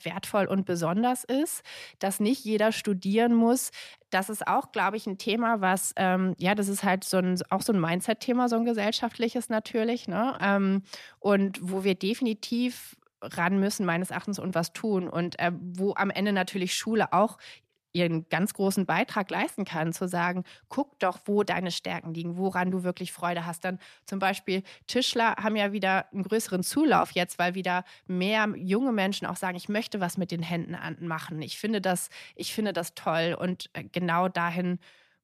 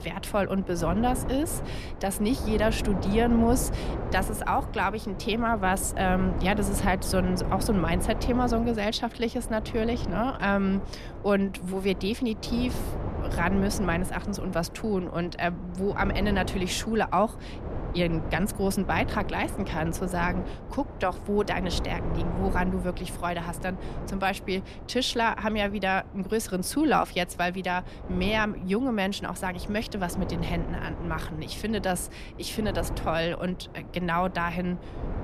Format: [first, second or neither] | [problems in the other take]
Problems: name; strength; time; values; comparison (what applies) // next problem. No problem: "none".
first | wind noise on the microphone; occasional gusts; 10 dB below the speech